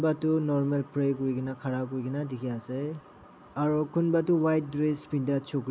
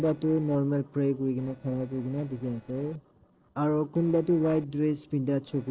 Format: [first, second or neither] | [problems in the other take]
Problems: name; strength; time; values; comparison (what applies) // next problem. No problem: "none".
first | noise reduction (neural separator model SepFormer DNS4)